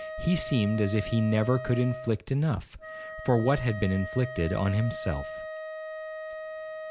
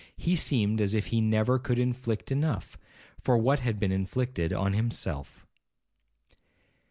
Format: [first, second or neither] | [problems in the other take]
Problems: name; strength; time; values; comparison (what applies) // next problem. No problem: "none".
second | background sound (Wind instrument, woodwind instrument); 10 dB below the speech